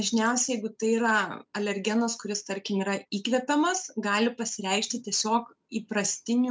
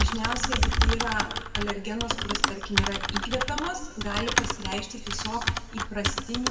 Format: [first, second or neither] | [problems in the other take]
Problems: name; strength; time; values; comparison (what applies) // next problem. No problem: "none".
first | background sound (Typing); 5 dB above the speech // room echo; dies away in 1.5 s